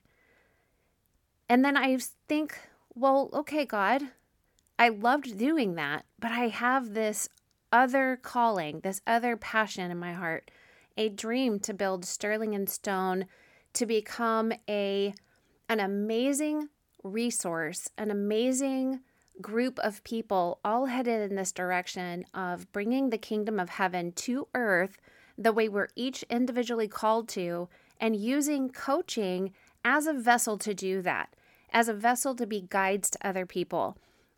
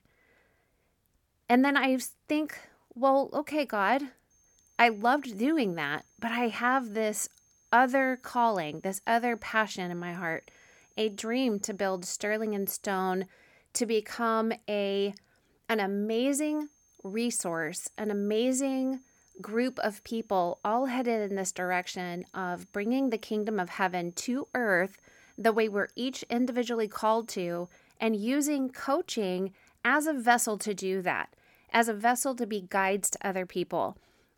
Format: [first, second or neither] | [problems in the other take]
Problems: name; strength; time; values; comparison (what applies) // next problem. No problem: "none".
first | high-pitched whine; faint; from 4.5 to 13 s and from 16 to 28 s; 6.5 kHz, 35 dB below the speech